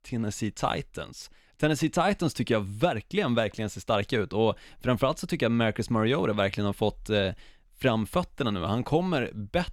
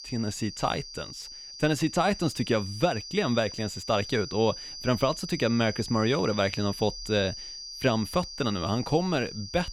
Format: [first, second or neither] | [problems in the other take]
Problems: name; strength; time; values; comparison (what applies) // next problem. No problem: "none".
first | high-pitched whine; noticeable; throughout; 5 kHz, 10 dB below the speech